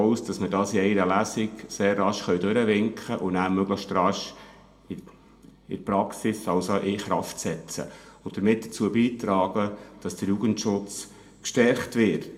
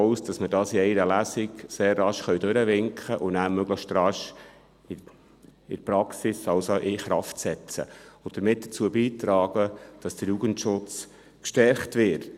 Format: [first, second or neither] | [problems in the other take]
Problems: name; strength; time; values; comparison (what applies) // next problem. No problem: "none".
second | room echo; dies away in 0.5 s